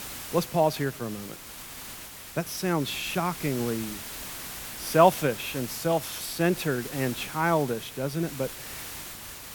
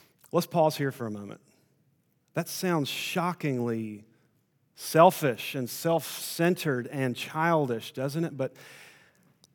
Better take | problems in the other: second | hiss; noticeable; throughout; 10 dB below the speech

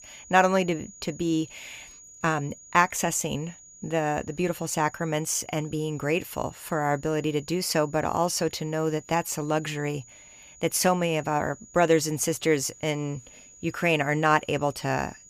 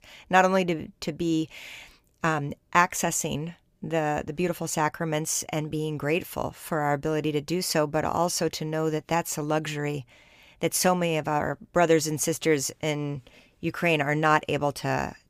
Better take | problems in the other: second | high-pitched whine; faint; throughout; 7 kHz, 20 dB below the speech

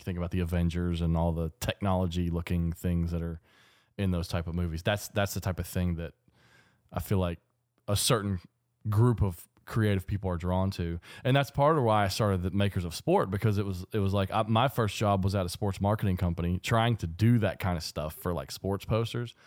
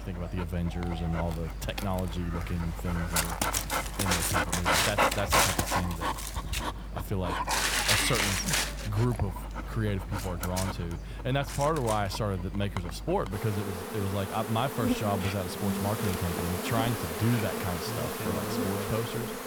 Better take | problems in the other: first | animal sounds; very loud; throughout; 2 dB above the speech

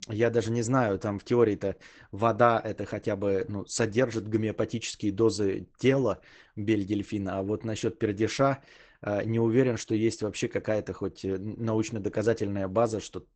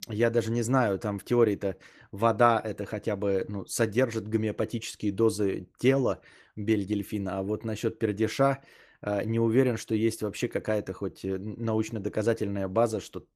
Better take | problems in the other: second | garbled, watery; badly; nothing above 8 kHz; slightly in the second

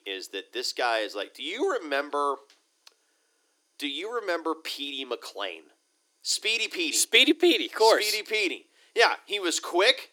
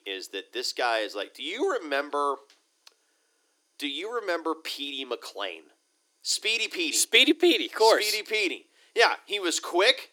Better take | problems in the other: neither | thin; somewhat; fading below 300 Hz; the same in both

